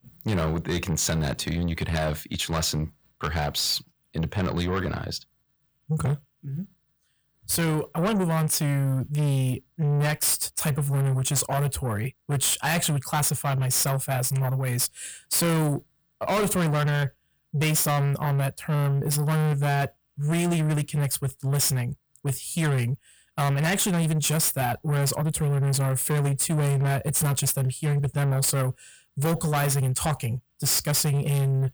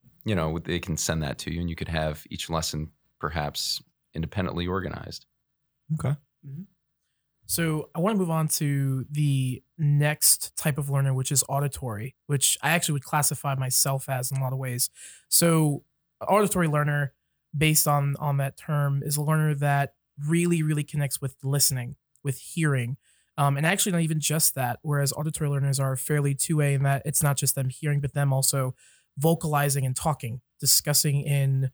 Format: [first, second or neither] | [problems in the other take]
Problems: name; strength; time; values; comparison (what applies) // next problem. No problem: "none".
second | distortion; heavy; 7 dB below the speech